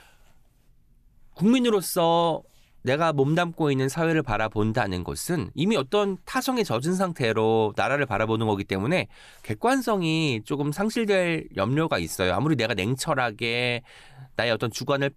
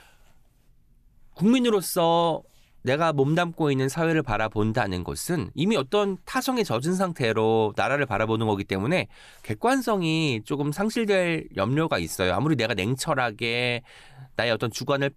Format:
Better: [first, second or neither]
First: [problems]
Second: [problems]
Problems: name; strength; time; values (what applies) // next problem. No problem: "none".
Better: neither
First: none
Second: none